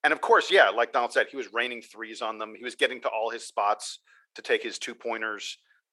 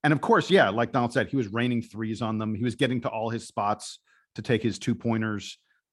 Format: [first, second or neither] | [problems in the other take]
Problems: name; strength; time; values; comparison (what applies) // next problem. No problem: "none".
second | thin; very; fading below 450 Hz